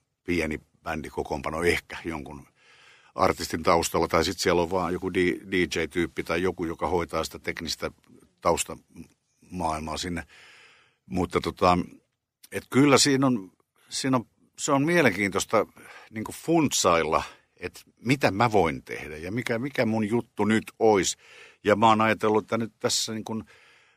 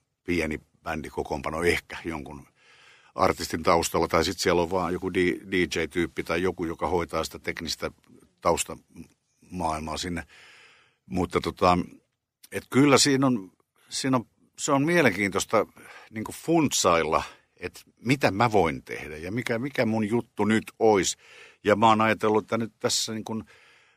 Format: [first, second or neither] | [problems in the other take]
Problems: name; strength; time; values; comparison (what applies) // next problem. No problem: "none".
neither | none